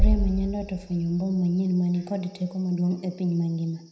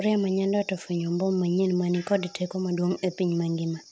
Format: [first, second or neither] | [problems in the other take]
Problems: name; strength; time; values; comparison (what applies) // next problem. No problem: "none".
second | background sound (Bass drum); 3 dB below the speech // room echo; dies away in 0.8 s